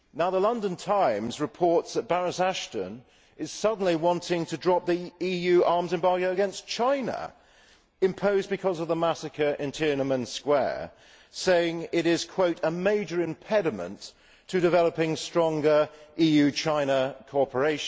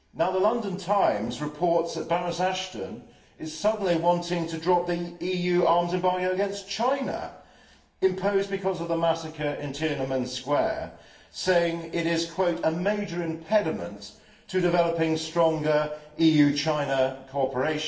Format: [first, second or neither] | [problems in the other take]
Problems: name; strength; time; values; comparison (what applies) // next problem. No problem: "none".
first | room echo; dies away in 0.9 s